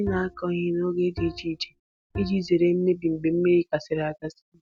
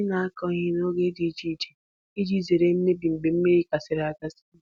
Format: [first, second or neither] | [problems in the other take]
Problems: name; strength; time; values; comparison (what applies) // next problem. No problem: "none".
second | background sound (Bowed string instrument); 13 dB below the speech